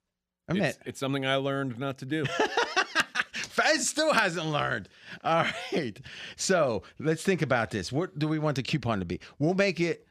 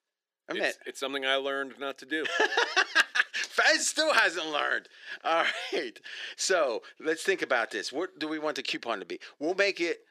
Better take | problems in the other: first | thin; very; fading below 350 Hz

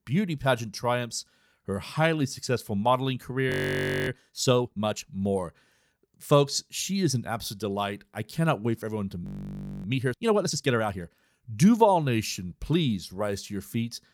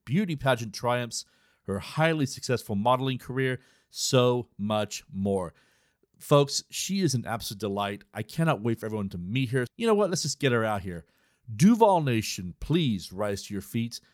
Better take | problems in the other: second | audio freezing; at 3.5 s for 0.5 s and at 9 s for 0.5 s

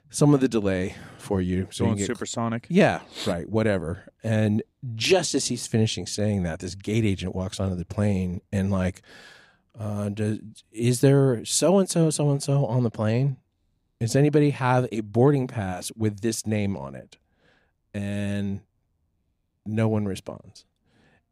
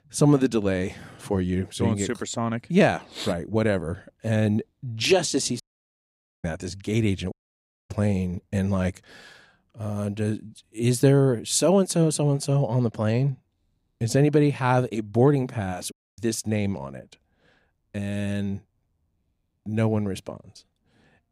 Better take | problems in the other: first | audio cutting out; at 5.5 s for 1 s, at 7.5 s for 0.5 s and at 16 s

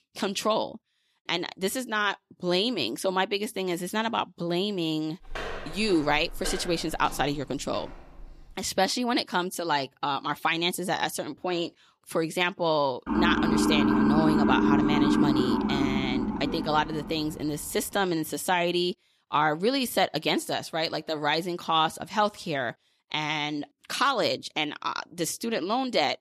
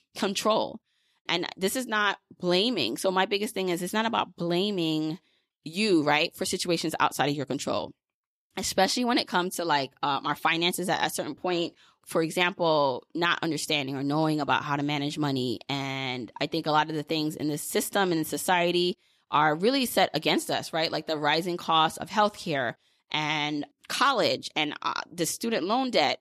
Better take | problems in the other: second | footsteps; noticeable; from 5.5 to 8.5 s; peak 8 dB below the speech // siren; loud; from 13 to 17 s; peak 5 dB above the speech

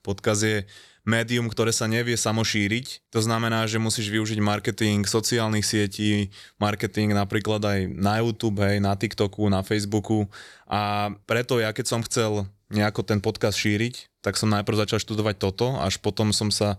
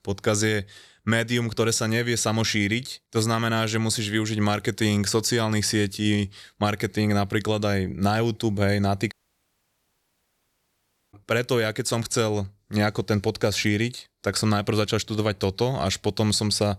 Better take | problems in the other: first | audio cutting out; at 9 s for 2 s

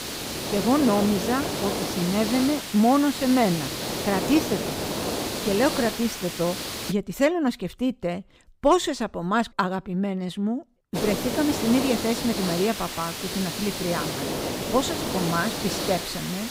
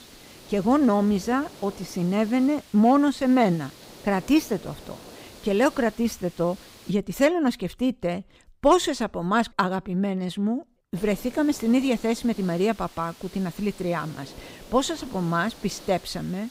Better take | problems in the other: second | hiss; loud; until 7 s and from 11 s on; 4 dB below the speech; faint in the second

